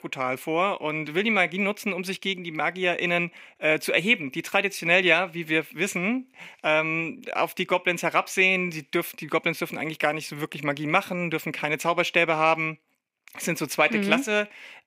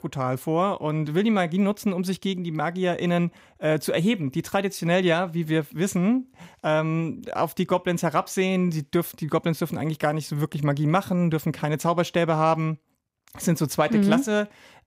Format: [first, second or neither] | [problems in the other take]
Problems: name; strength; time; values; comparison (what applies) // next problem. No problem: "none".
second | thin; very slightly; fading below 250 Hz